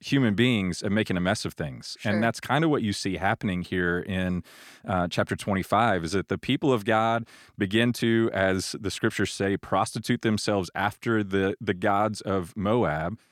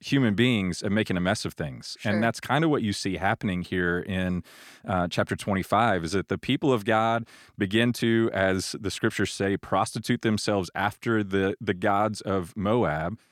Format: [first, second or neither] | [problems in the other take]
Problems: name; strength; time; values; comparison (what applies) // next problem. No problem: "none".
neither | none